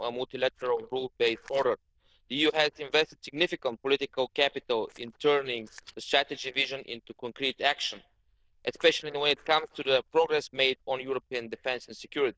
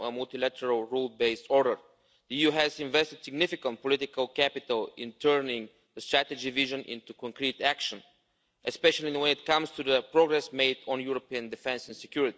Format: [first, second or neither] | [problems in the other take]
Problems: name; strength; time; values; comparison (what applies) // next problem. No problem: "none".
second | noise reduction (neural diffusion model UNIVERSE++)